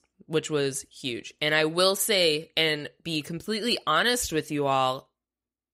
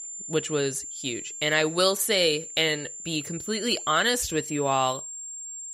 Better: first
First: none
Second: high-pitched whine; loud; throughout; 7.5 kHz, 10 dB below the speech

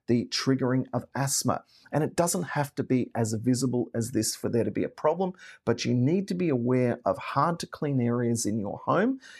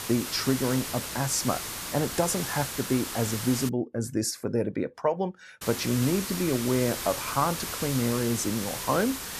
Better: first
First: none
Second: hiss; loud; until 3.5 s and from 5.5 s on; 5 dB below the speech

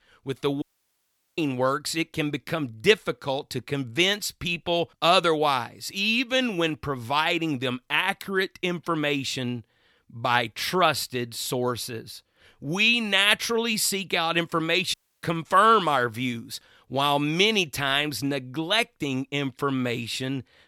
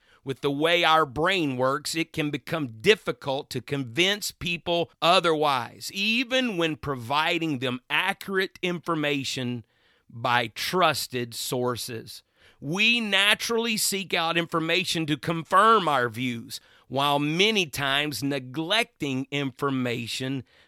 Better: second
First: audio cutting out; at 0.5 s for 1 s and at 15 s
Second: none

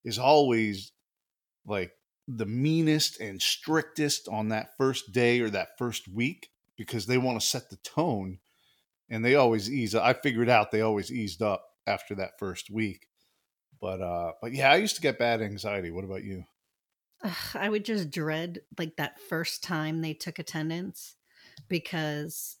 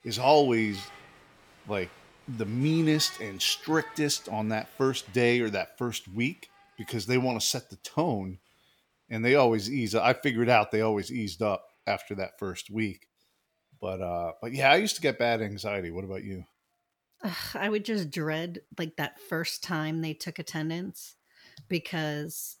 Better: first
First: none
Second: crowd noise; faint; throughout; 20 dB below the speech

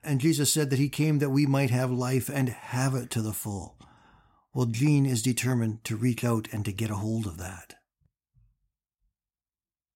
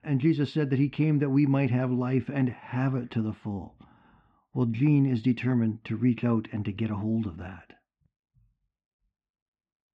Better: first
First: none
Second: muffled; very; fading above 3 kHz

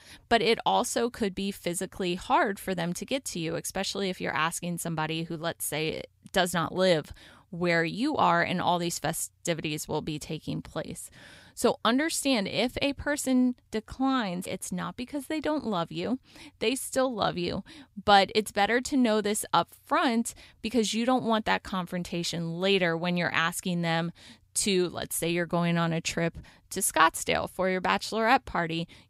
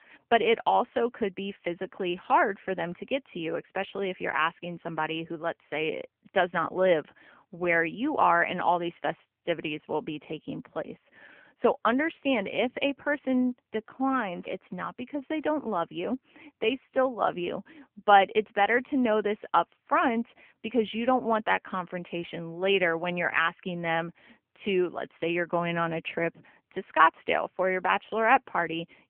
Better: first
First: none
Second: phone-call audio; nothing above 3 kHz

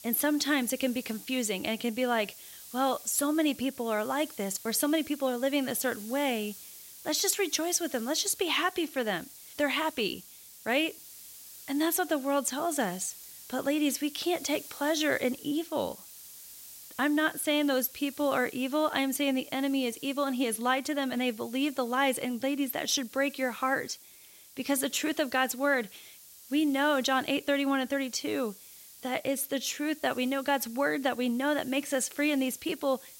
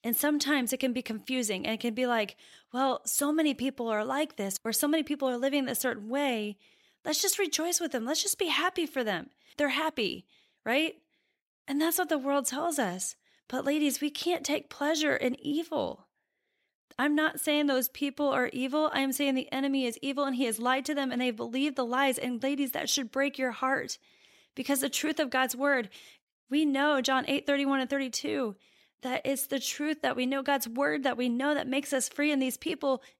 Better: second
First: hiss; noticeable; throughout; 15 dB below the speech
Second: none

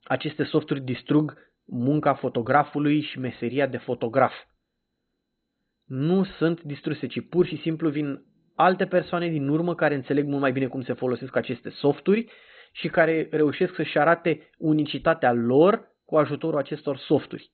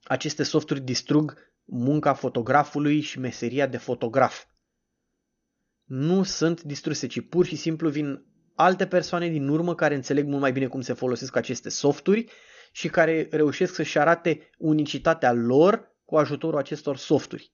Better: second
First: garbled, watery; badly; nothing above 4 kHz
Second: garbled, watery; slightly; nothing above 6.5 kHz

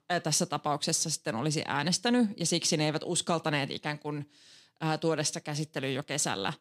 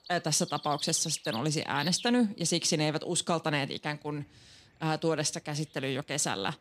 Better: first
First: none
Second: animal sounds; noticeable; throughout; 10 dB below the speech

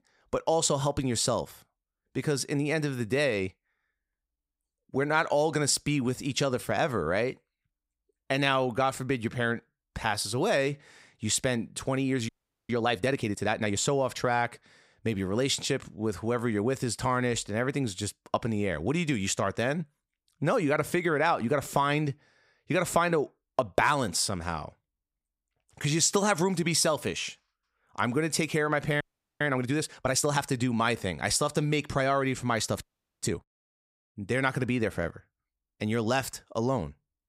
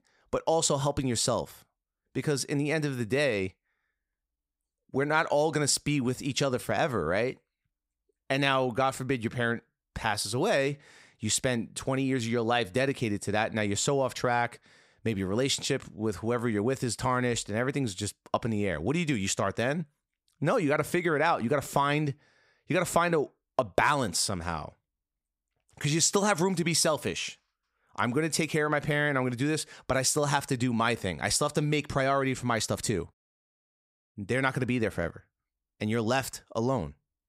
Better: second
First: audio freezing; at 12 s, at 29 s and at 33 s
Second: none

